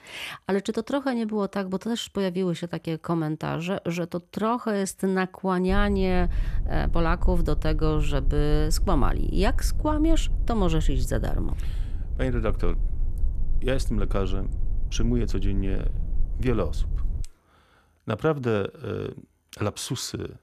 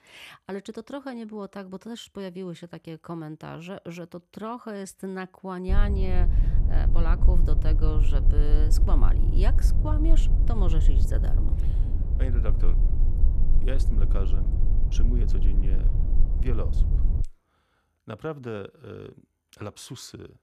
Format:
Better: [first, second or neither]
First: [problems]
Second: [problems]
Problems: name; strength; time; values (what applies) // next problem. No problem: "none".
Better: first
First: low rumble; faint; from 5.5 to 17 s; 20 dB below the speech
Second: low rumble; loud; from 5.5 to 17 s; 6 dB below the speech